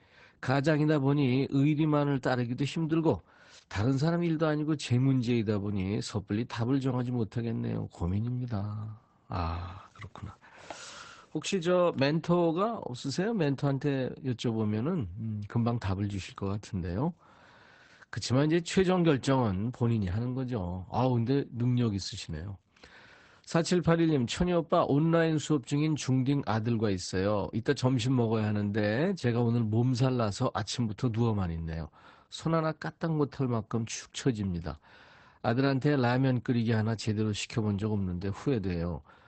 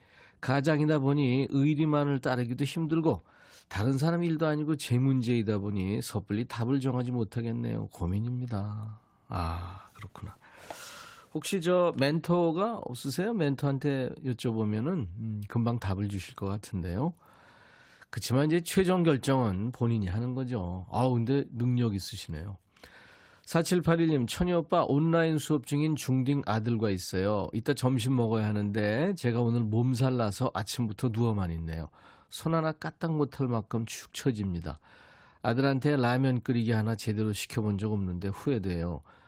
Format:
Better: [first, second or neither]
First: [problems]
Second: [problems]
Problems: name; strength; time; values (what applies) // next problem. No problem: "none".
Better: second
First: garbled, watery; badly; nothing above 8 kHz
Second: garbled, watery; slightly; nothing above 16 kHz